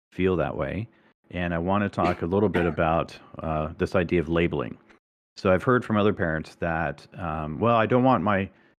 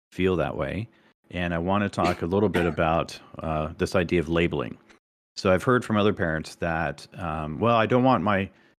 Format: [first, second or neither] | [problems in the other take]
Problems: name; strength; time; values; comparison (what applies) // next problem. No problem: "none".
second | muffled; very slightly; fading above 3.5 kHz